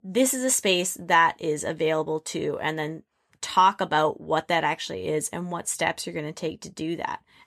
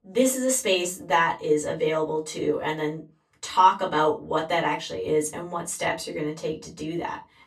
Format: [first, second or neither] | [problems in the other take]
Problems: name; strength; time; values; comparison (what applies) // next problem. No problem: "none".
first | off-mic speech; far // room echo; very slight; dies away in 0.2 s